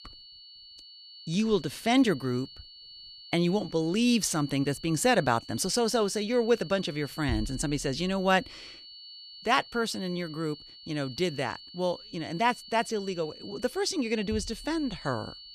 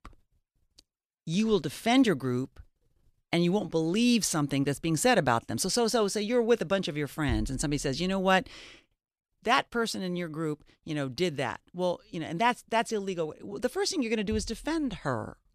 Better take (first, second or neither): second